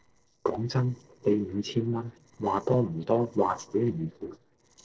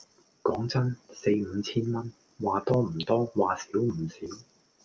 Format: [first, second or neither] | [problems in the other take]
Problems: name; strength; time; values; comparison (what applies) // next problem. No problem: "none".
second | noise reduction (neural separator model SepFormer DNS4)